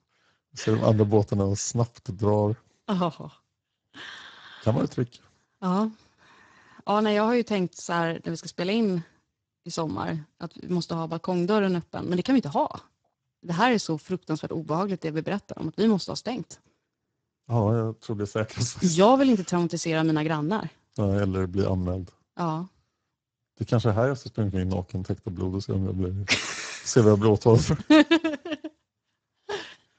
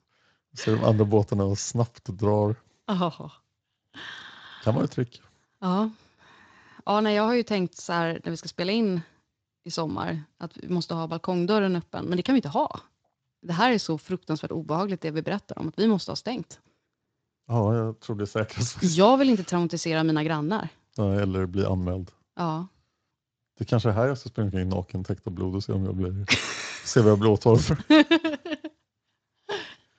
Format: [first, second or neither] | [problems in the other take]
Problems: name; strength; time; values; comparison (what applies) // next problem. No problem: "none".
second | garbled, watery; badly; nothing above 7.5 kHz; slightly in the second